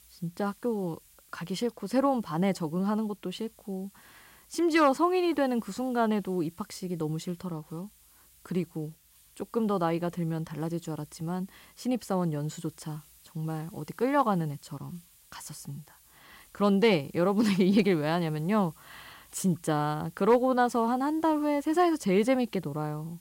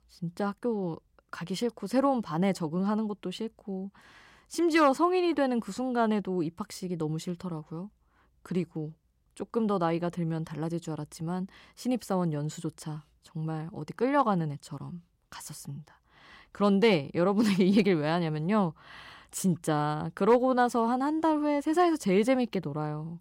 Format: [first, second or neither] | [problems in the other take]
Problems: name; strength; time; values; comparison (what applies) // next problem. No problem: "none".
second | hiss; faint; throughout; 25 dB below the speech